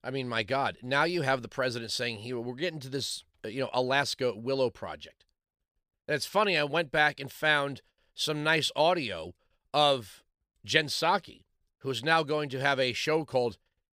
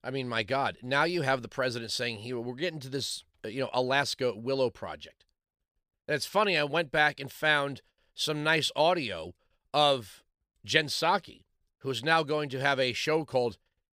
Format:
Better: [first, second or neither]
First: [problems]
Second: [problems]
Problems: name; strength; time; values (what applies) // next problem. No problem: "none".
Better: neither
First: none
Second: none